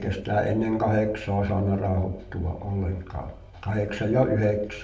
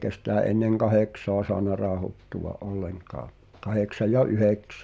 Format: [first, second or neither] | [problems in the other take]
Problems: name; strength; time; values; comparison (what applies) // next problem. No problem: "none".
second | room echo; dies away in 0.5 s